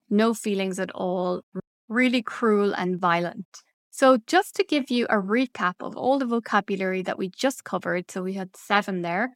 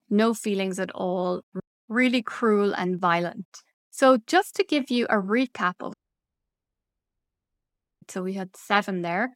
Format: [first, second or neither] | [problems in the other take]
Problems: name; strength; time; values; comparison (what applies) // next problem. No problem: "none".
first | audio cutting out; at 6 s for 2 s